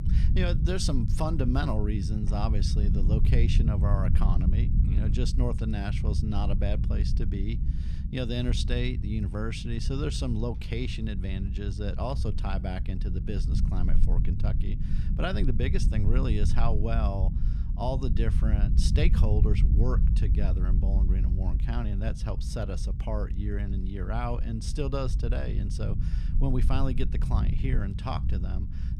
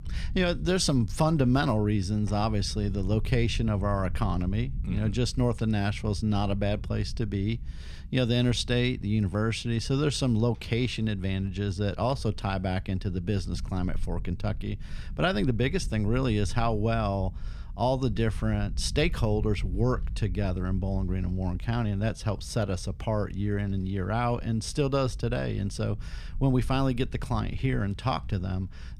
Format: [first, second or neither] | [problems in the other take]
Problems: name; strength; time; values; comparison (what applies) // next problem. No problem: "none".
second | low rumble; loud; throughout; 8 dB below the speech; faint in the second